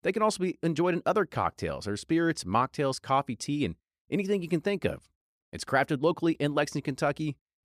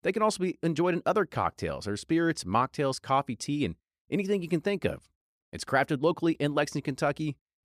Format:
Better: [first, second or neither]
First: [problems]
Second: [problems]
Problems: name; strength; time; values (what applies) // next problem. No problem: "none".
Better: neither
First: none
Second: none